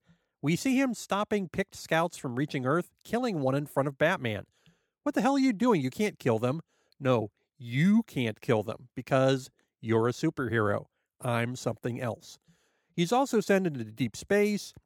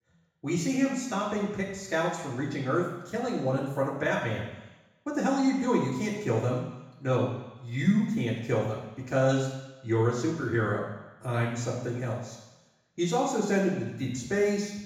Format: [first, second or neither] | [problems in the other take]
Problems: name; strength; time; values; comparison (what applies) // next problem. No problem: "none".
first | room echo; noticeable; dies away in 1 s // off-mic speech; far